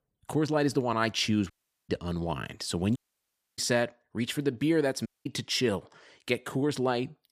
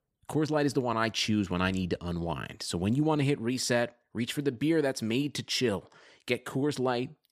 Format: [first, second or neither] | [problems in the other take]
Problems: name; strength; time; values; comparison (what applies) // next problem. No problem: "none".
second | audio cutting out; at 1.5 s, at 3 s for 0.5 s and at 5 s